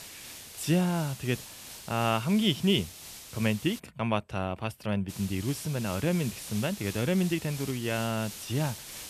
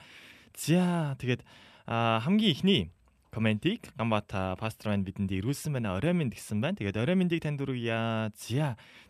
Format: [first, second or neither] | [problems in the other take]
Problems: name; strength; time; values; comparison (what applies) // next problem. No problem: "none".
second | hiss; noticeable; until 4 s and from 5 s on; 10 dB below the speech